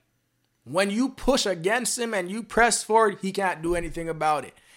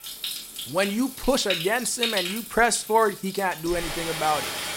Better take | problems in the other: first | rain or running water; loud; throughout; 6 dB below the speech

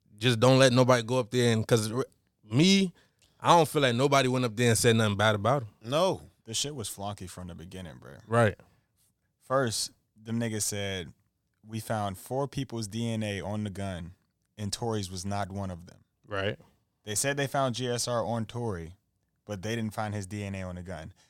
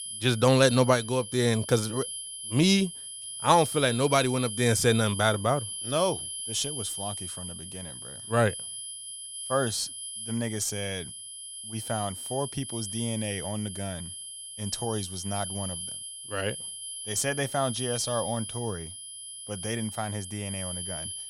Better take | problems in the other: first | high-pitched whine; loud; throughout; 10.5 kHz, 8 dB below the speech

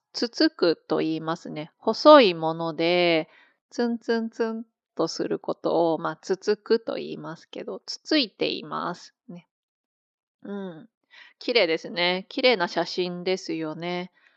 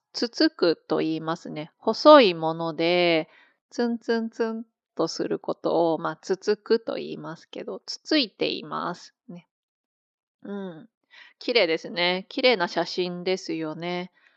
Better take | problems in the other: neither | none

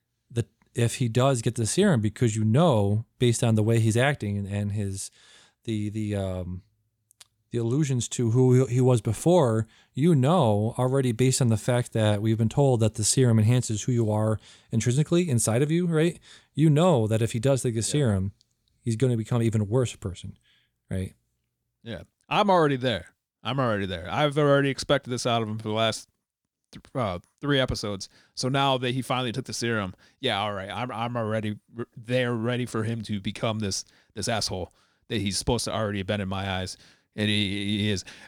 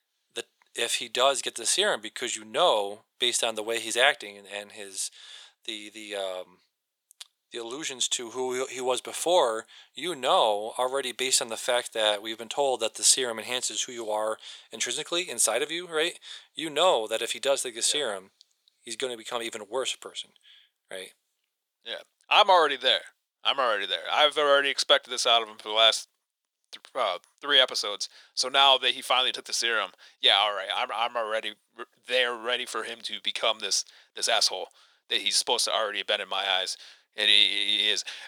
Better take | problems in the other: first | thin; very; fading below 550 Hz

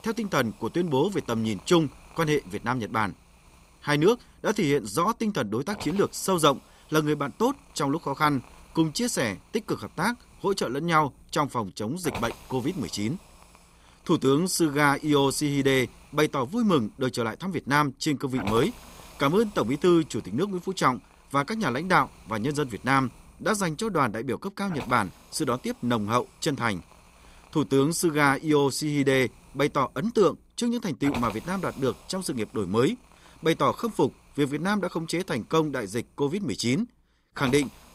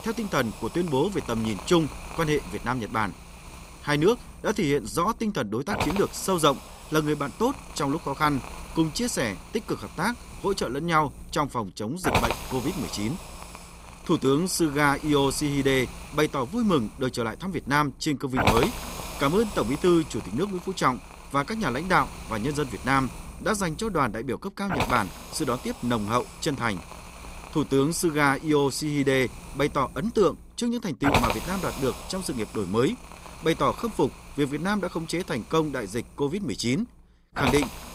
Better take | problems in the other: first | hiss; loud; throughout; 9 dB below the speech; faint in the first

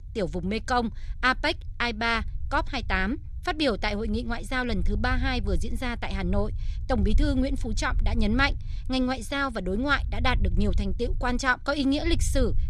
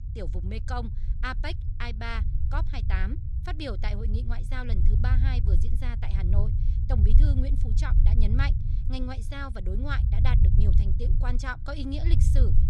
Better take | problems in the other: first | low rumble; loud; throughout; 7 dB below the speech; faint in the first

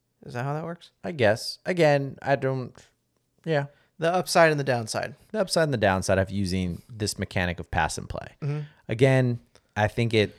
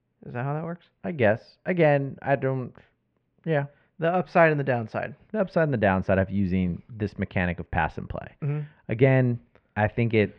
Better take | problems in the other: first | muffled; very; fading above 2.5 kHz

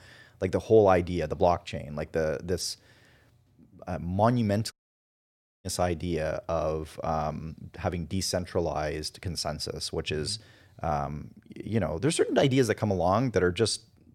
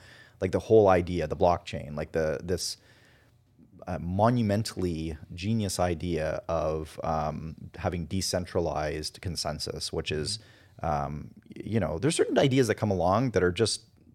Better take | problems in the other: second | audio cutting out; at 4.5 s for 1 s

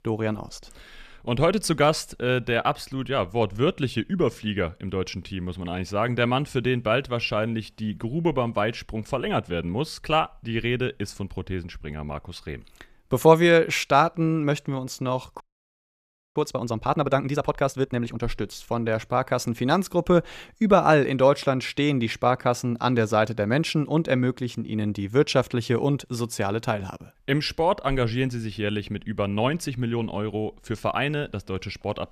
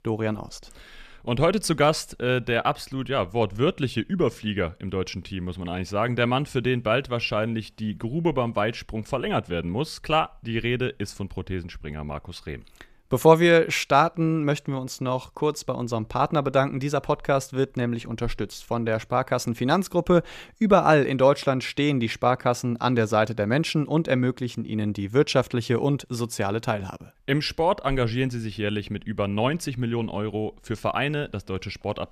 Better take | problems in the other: second | audio freezing; at 15 s for 1 s

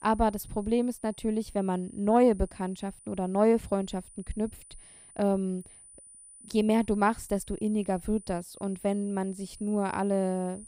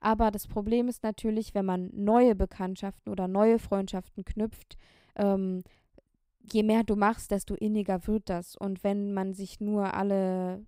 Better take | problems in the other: second | high-pitched whine; faint; throughout; 9.5 kHz, 20 dB below the speech

